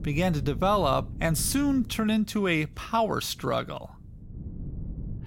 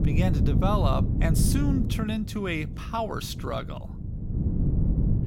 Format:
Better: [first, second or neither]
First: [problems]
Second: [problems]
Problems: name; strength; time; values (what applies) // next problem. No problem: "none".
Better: first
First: wind noise on the microphone; occasional gusts; 25 dB below the speech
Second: wind noise on the microphone; heavy; 7 dB below the speech